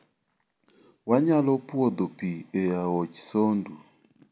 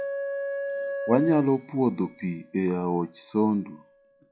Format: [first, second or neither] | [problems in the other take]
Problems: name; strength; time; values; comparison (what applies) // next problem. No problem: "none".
first | noise reduction (classical method log-MMSE)